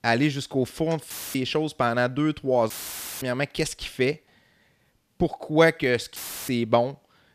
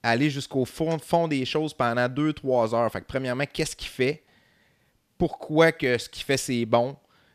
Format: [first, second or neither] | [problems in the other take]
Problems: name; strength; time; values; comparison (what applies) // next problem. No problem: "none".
second | audio cutting out; filled with static; at 1 s, at 2.5 s for 0.5 s and at 6 s